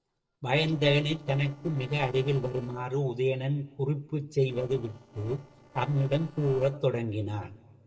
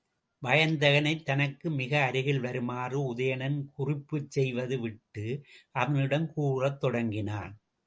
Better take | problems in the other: second | noise reduction (neural separator model SepFormer DNS4)

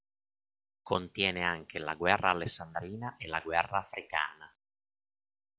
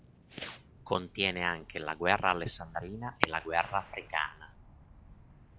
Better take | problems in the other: first | background sound (Fireworks); 9 dB below the speech

